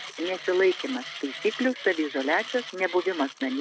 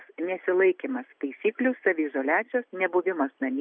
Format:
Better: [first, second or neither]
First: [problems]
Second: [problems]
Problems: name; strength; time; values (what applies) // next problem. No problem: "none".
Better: second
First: background sound (Mechanisms); 12 dB below the speech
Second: none